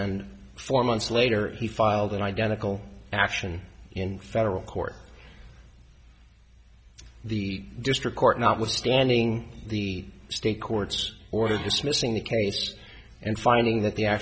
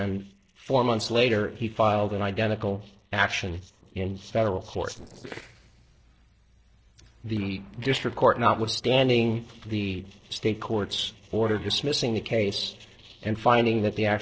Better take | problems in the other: first | noise reduction (neural separator model SepFormer DNS4)

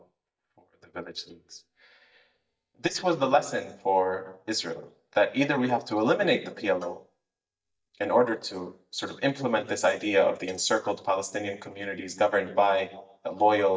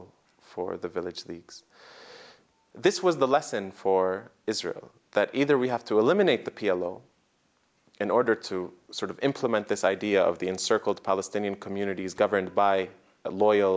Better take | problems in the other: second | noise reduction (neural mask model DeepFilterNet 3)

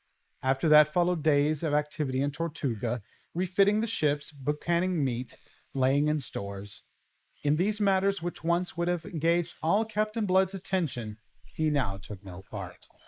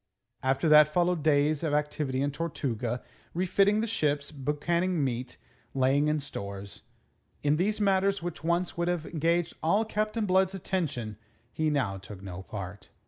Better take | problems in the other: second | noise reduction (neural mask model Resemble Enhance denoiser)

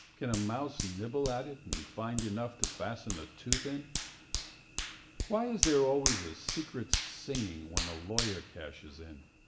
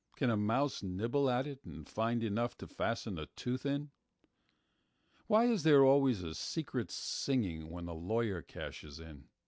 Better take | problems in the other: second | background sound (Hands); 2 dB below the speech // room echo; dies away in 1.9 s

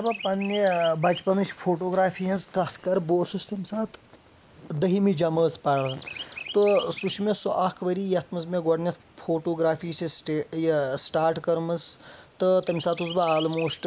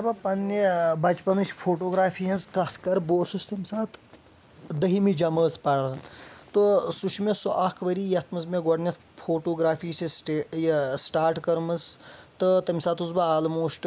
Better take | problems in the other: second | noise reduction (neural mask model Resemble Enhance denoiser)

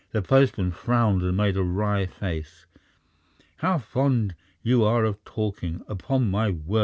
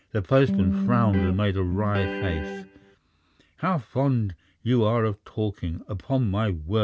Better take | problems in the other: first | background sound (Electric guitar); 3 dB below the speech

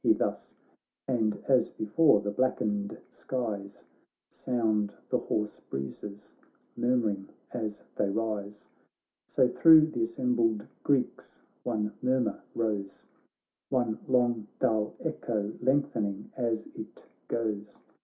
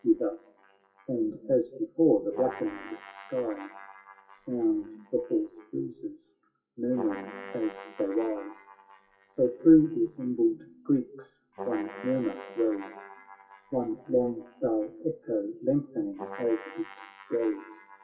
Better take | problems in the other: first | noise reduction (classical method WPE with log-MMSE)

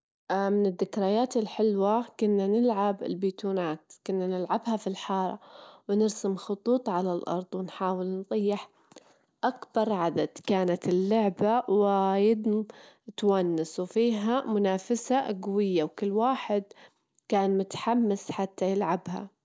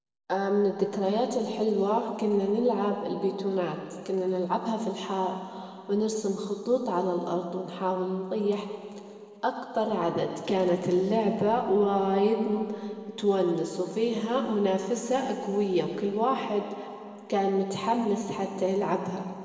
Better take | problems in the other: first | room echo; dies away in 2.4 s

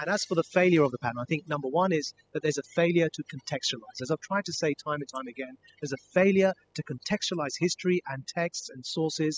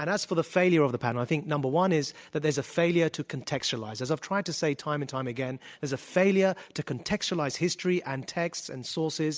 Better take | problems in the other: second | noise reduction (classical method spectral subtraction)

